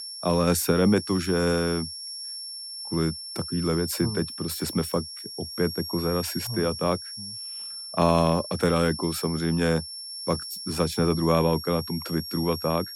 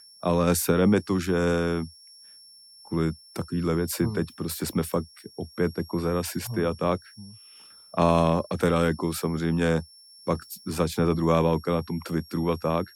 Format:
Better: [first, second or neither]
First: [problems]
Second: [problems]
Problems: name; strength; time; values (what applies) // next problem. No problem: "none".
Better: second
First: high-pitched whine; loud; throughout; 5.5 kHz, 8 dB below the speech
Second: high-pitched whine; faint; throughout; 5.5 kHz, 20 dB below the speech